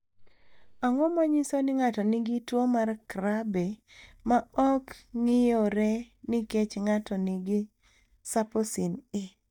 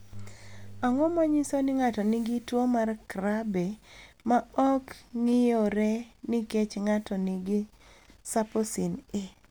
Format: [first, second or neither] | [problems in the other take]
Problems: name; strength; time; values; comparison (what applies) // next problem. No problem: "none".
second | noise reduction (neural mask model DeepFilterNet 3)